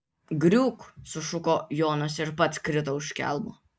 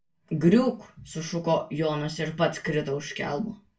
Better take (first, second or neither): first